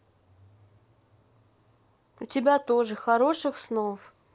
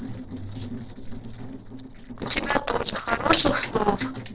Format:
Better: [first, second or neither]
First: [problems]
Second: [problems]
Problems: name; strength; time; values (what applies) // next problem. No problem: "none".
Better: first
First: none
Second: noise reduction (neural separator model SepFormer DNS4)